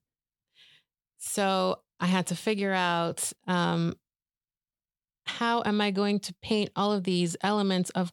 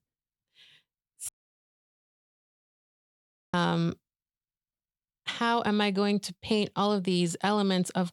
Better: first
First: none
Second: audio cutting out; at 1.5 s for 2 s

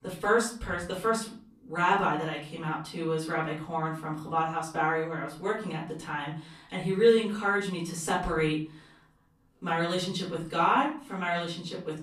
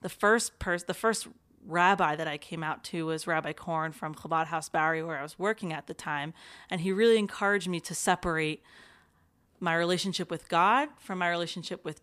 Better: second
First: off-mic speech; far // room echo; slight; dies away in 0.5 s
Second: none

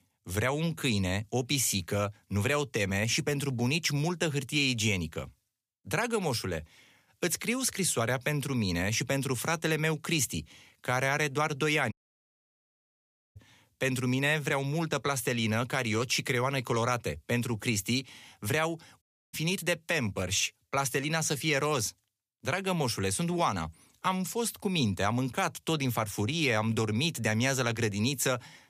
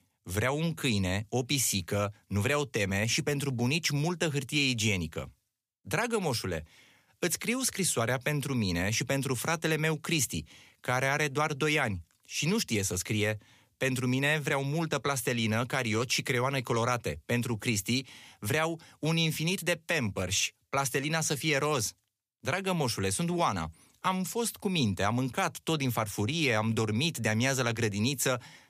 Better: second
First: audio cutting out; at 12 s for 1.5 s and at 19 s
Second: none

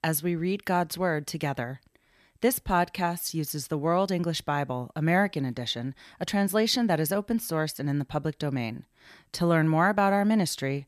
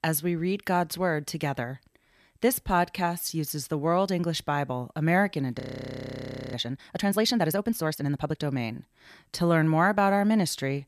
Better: first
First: none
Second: audio freezing; at 5.5 s for 1 s

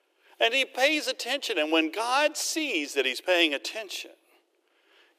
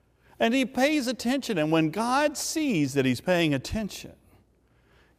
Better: second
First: thin; very; fading below 350 Hz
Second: none

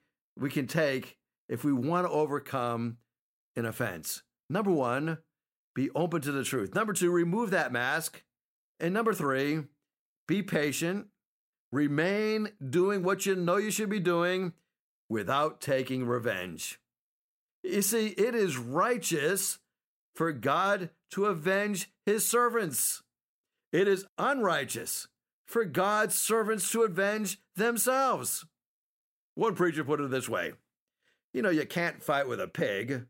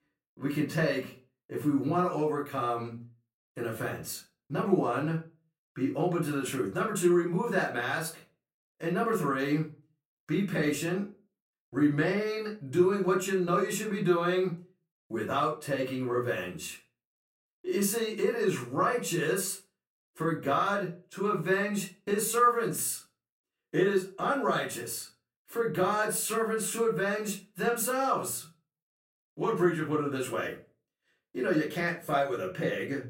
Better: first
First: none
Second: off-mic speech; far // room echo; very slight; dies away in 0.3 s

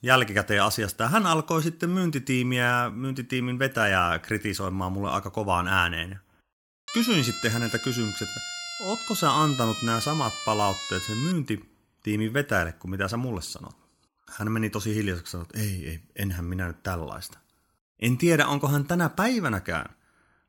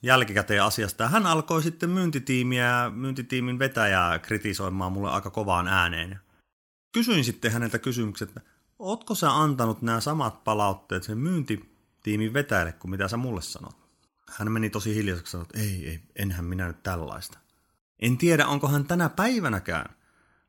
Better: second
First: siren; noticeable; from 7 to 11 s; peak 5 dB below the speech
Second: none

